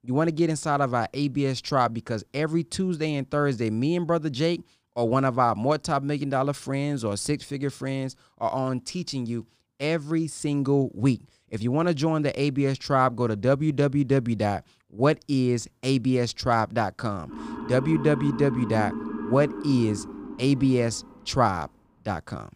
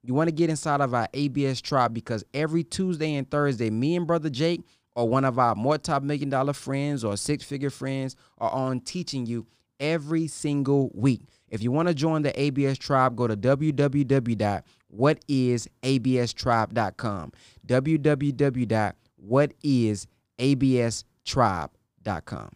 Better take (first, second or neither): second